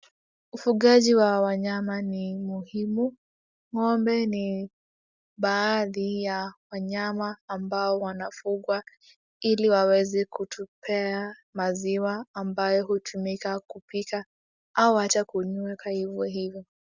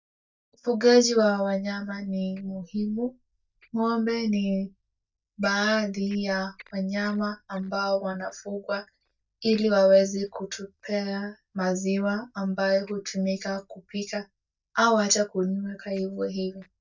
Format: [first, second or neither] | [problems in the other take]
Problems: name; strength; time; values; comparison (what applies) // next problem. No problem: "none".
first | noise reduction (neural mask model DeepFilterNet 3)